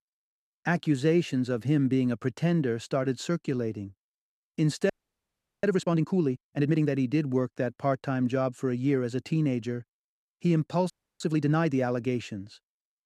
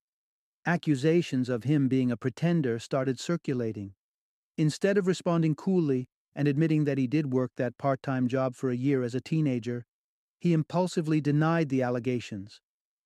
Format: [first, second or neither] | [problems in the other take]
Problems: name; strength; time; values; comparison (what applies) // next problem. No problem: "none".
second | audio freezing; at 5 s for 0.5 s and at 11 s